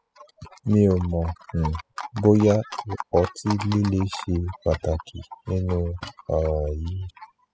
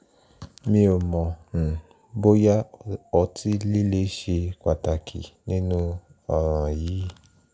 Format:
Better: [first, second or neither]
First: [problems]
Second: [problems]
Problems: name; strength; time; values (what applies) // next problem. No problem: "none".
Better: second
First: noise reduction (classical method spectral subtraction)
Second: none